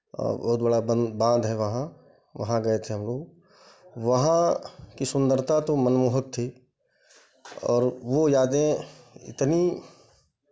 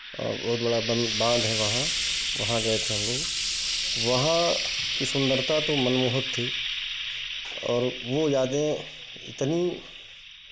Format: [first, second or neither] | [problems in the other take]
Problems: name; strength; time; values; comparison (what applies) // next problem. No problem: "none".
first | background sound (Frying (food)); 2 dB below the speech